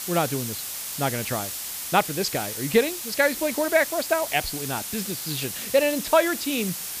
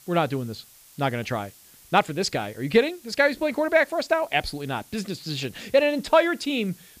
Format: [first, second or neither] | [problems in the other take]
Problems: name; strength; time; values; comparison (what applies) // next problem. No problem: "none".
second | hiss; loud; throughout; 5 dB below the speech; faint in the second